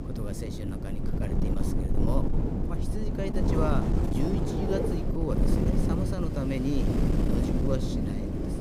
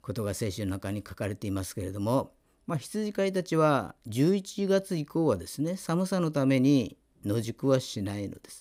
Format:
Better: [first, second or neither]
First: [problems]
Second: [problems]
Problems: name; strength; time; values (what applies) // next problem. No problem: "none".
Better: second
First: wind noise on the microphone; heavy; 2 dB above the speech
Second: none